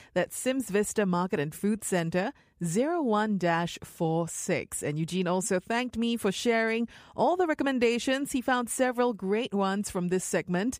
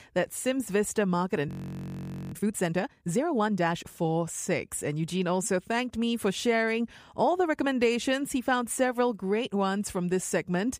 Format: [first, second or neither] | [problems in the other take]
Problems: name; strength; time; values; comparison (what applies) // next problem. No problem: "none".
first | audio freezing; at 1.5 s for 1 s